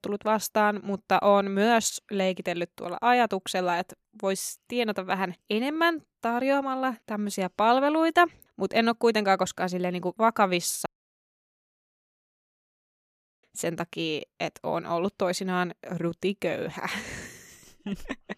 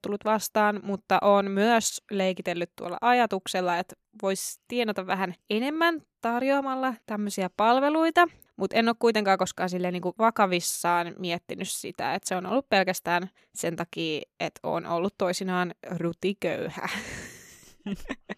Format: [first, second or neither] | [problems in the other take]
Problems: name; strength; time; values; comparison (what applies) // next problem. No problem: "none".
second | audio cutting out; at 11 s for 2.5 s